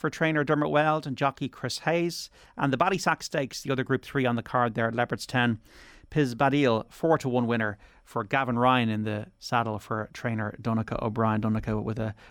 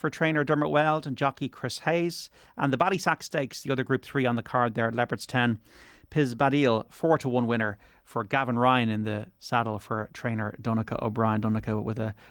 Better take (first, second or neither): first